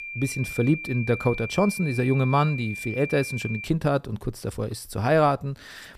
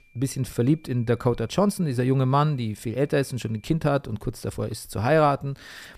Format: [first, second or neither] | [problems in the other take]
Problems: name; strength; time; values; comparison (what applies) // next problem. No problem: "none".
second | high-pitched whine; loud; until 3.5 s; 2.5 kHz, 8 dB below the speech; faint in the second